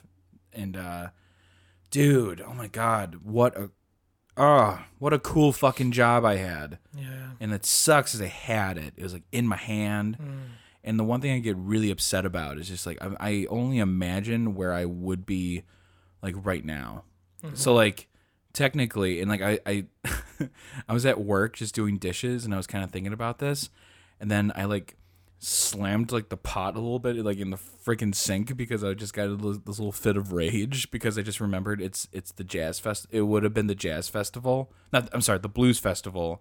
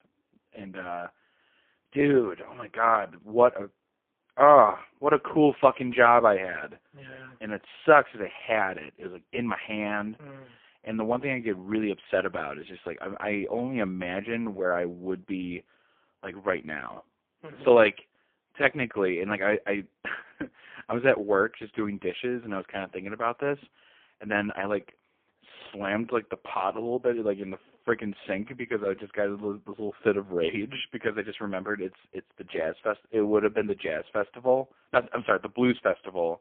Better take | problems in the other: first | phone-call audio; poor line

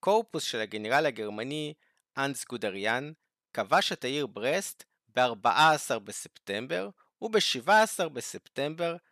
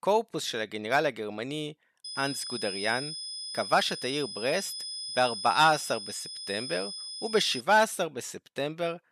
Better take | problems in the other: first | high-pitched whine; loud; from 2 to 7.5 s; 5 kHz, 7 dB below the speech

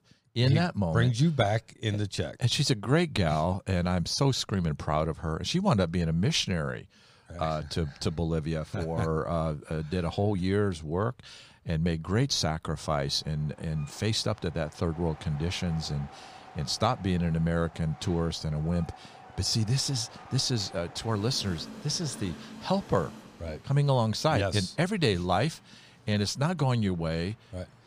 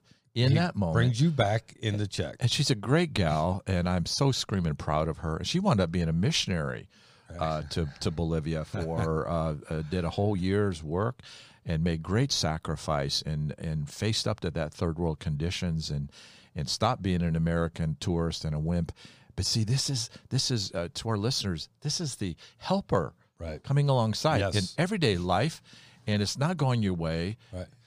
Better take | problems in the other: second | train or aircraft noise; faint; throughout; 20 dB below the speech

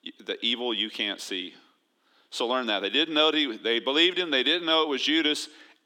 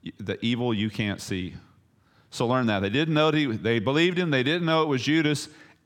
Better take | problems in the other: second | thin; somewhat; fading below 300 Hz

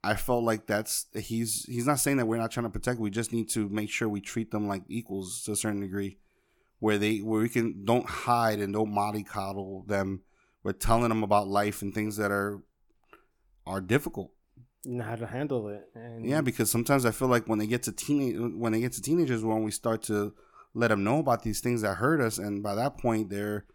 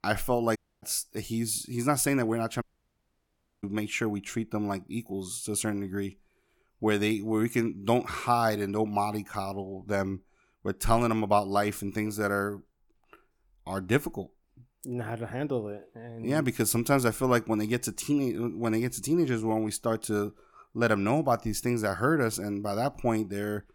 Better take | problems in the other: first | audio cutting out; at 0.5 s and at 2.5 s for 1 s

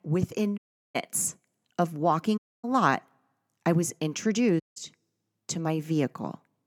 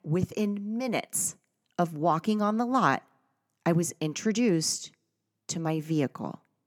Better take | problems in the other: second | audio cutting out; at 0.5 s, at 2.5 s and at 4.5 s

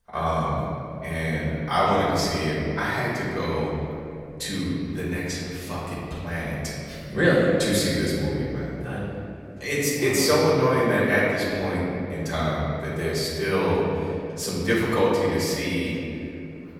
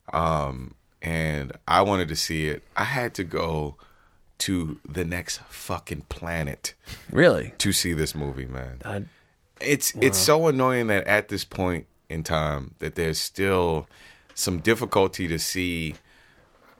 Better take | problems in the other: second | room echo; strong; dies away in 2.7 s // off-mic speech; far

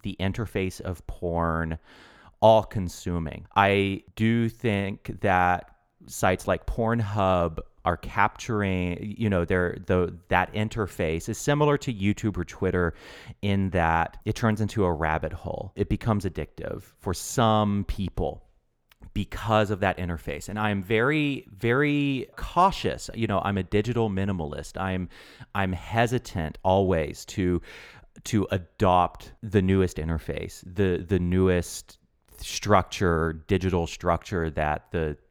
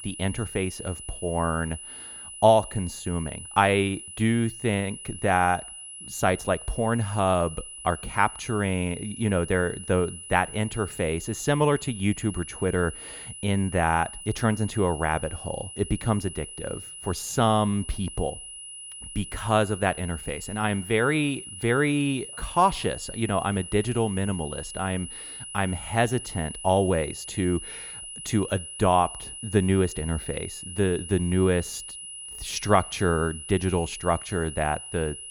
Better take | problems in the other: first | high-pitched whine; noticeable; throughout; 10 kHz, 10 dB below the speech

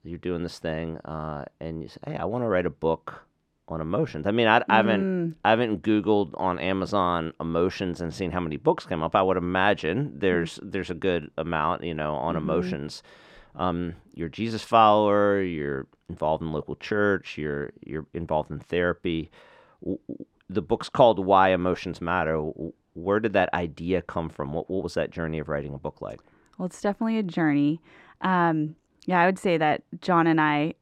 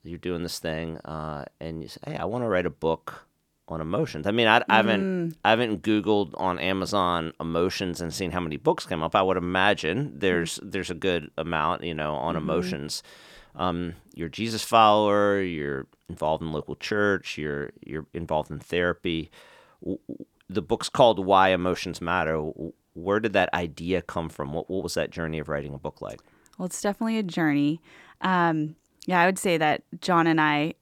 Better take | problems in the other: second | muffled; slightly; fading above 2 kHz

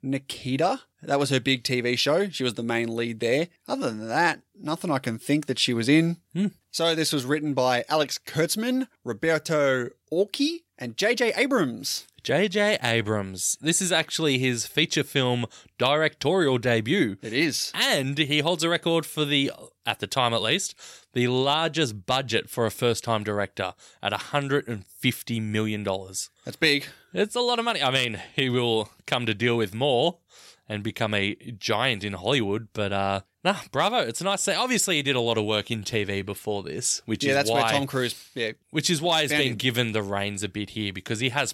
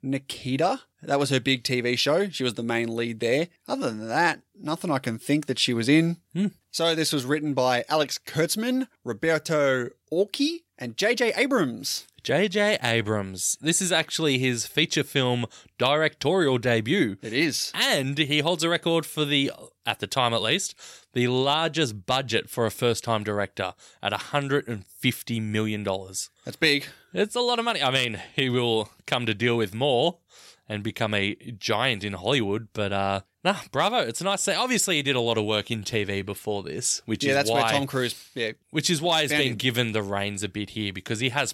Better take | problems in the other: neither | none

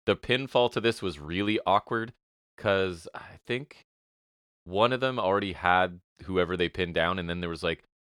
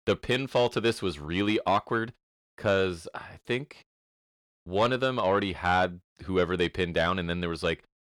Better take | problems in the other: first | distortion; slight; 10 dB below the speech

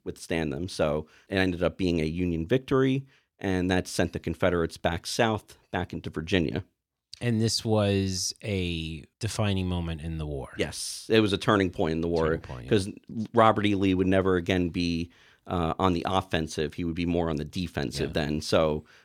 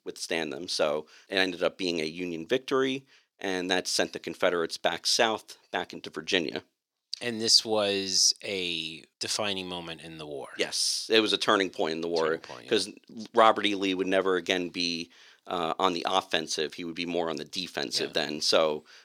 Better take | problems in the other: first | thin; somewhat; fading below 350 Hz

